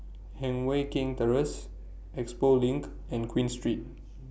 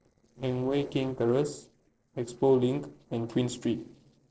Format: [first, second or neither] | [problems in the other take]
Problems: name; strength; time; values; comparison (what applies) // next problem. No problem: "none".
first | noise reduction (neural separator model SepFormer DNS4)